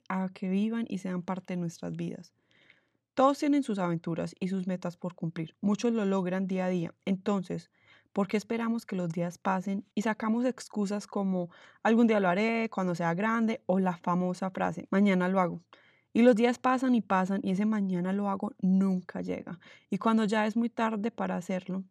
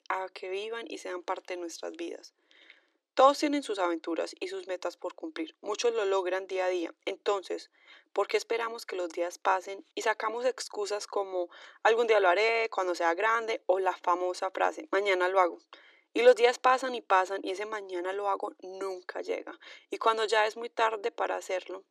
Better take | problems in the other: first | thin; very; fading below 300 Hz

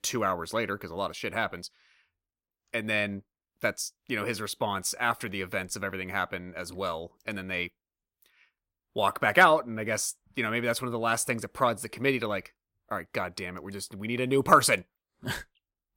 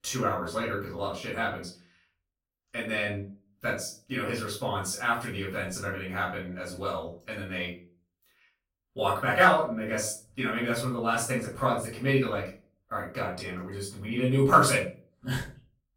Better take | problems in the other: first | off-mic speech; far // room echo; noticeable; dies away in 0.3 s

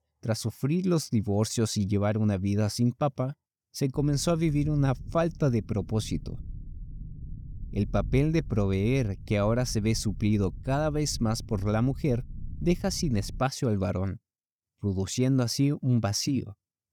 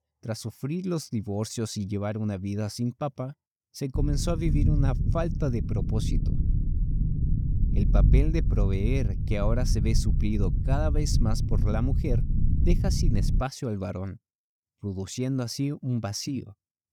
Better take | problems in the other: first | low rumble; loud; from 4 to 13 s; 7 dB below the speech; faint in the first

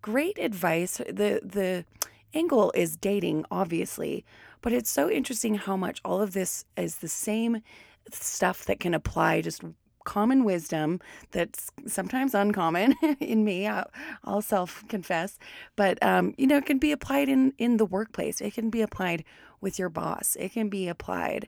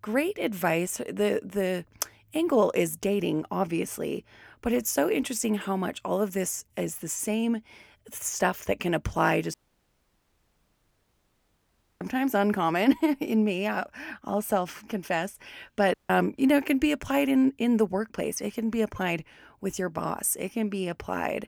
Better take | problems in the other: first | audio cutting out; at 9.5 s for 2.5 s and at 16 s

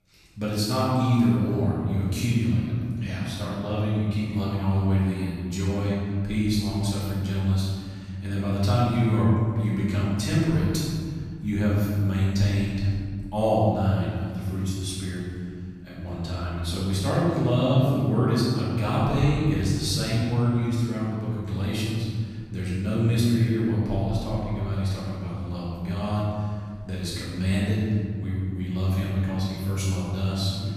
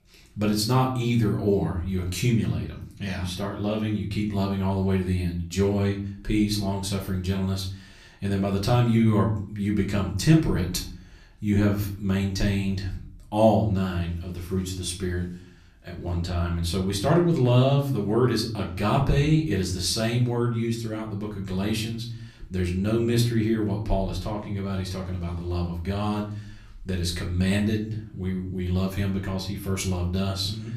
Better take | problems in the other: second | room echo; strong; dies away in 2.4 s; slight in the second // off-mic speech; far; far in the second

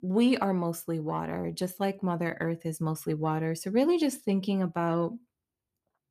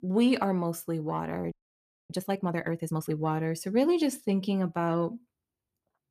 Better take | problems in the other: first | audio freezing; at 1.5 s for 0.5 s

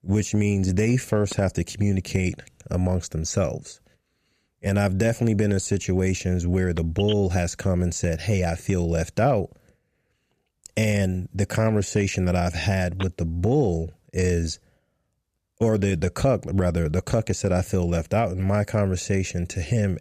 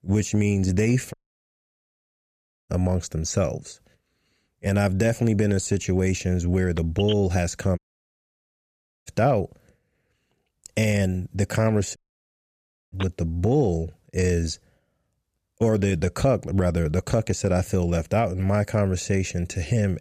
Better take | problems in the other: first | audio cutting out; at 1 s for 1.5 s, at 8 s for 1.5 s and at 12 s for 1 s

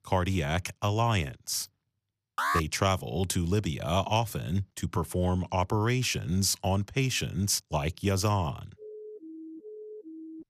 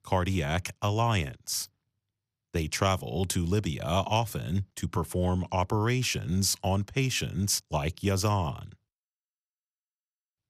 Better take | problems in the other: second | alarm; noticeable; at 2.5 s; peak level with the speech // siren; faint; from 9 s on; peak 15 dB below the speech

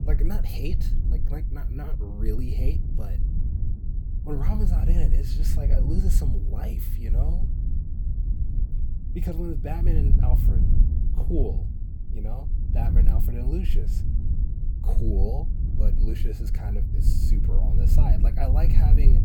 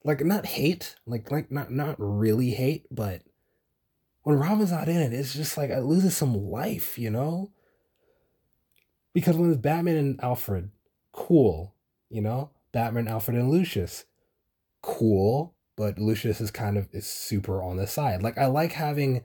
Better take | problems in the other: second | low rumble; loud; throughout; 3 dB below the speech

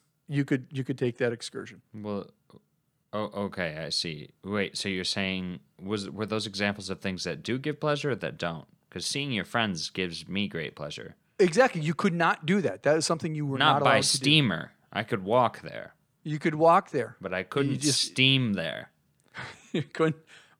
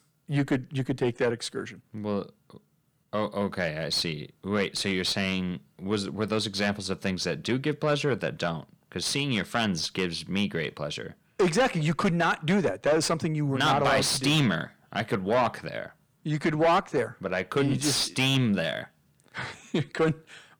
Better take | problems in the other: first | distortion; heavy; 7 dB below the speech

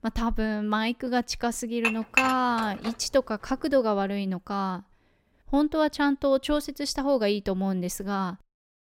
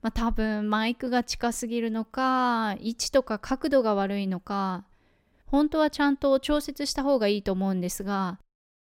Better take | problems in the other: second | clattering dishes; loud; from 2 to 3 s; peak 3 dB above the speech

